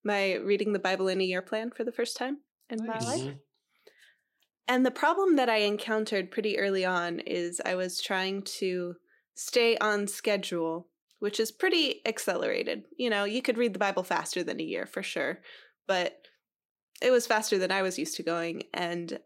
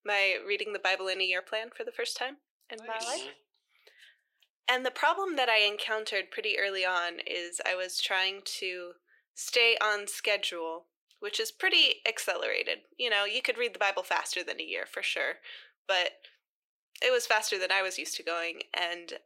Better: first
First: none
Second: thin; very; fading below 500 Hz

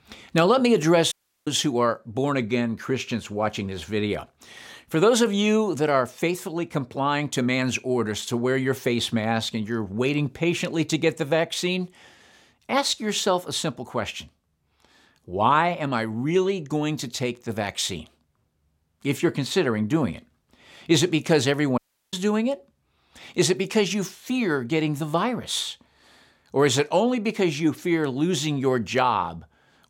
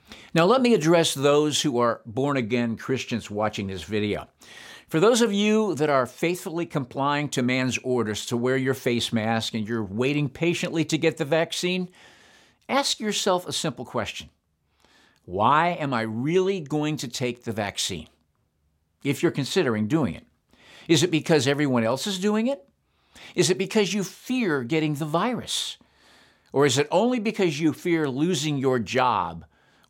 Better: second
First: audio cutting out; at 1 s and at 22 s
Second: none

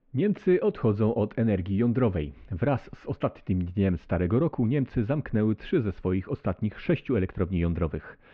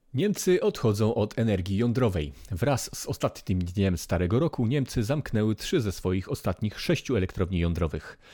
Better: second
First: muffled; very; fading above 2.5 kHz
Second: none

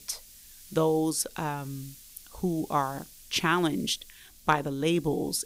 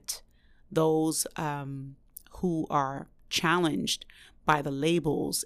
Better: second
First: hiss; faint; throughout; 20 dB below the speech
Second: none

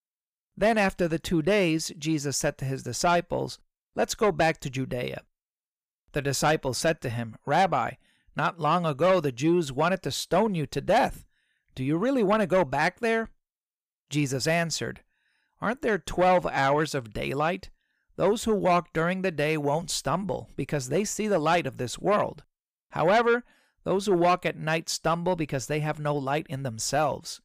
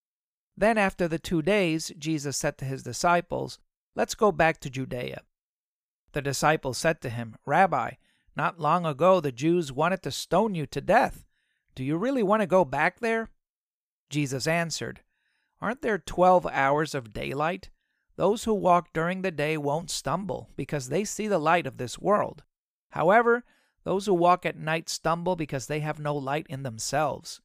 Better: second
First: distortion; slight; 10 dB below the speech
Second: none

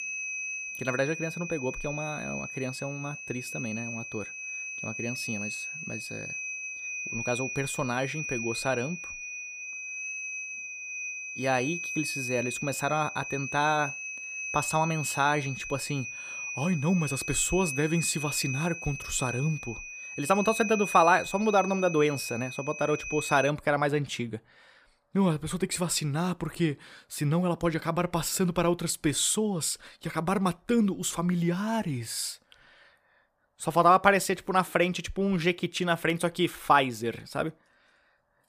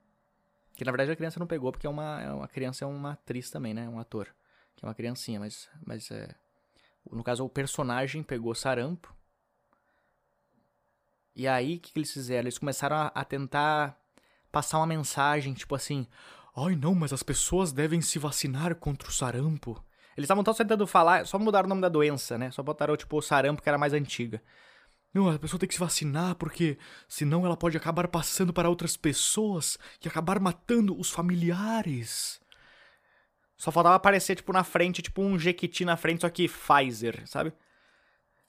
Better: second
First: high-pitched whine; loud; until 24 s; 2.5 kHz, 7 dB below the speech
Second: none

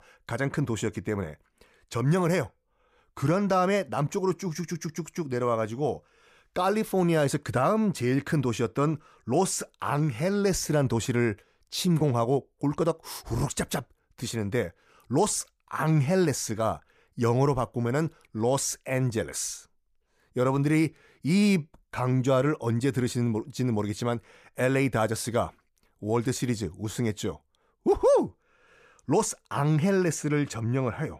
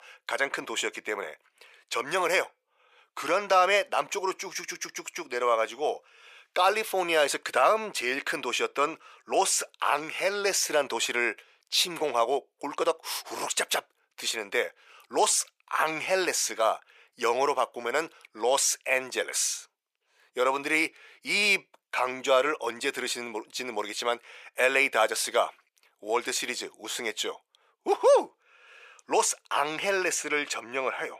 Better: first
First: none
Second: thin; very; fading below 500 Hz

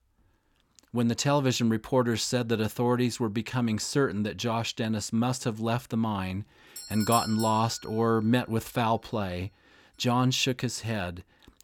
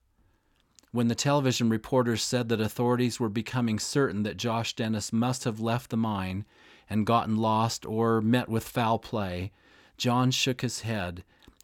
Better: second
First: doorbell; noticeable; at 7 s; peak 5 dB below the speech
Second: none

